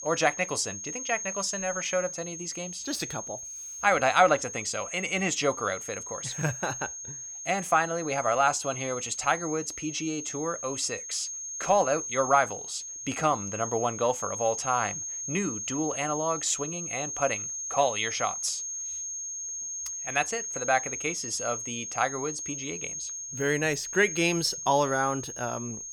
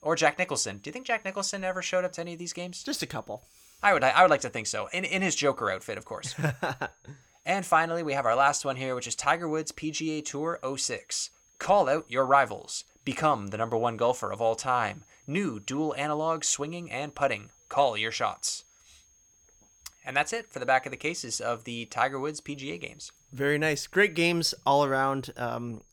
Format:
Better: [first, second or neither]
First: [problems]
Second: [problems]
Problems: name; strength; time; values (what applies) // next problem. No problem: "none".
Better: second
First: high-pitched whine; loud; throughout; 6.5 kHz, 5 dB below the speech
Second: high-pitched whine; faint; throughout; 6.5 kHz, 35 dB below the speech